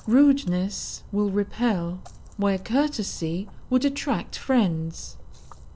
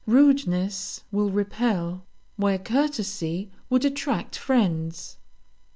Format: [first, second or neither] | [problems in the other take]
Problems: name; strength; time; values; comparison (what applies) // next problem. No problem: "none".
second | background sound (Splash, splatter); 19 dB below the speech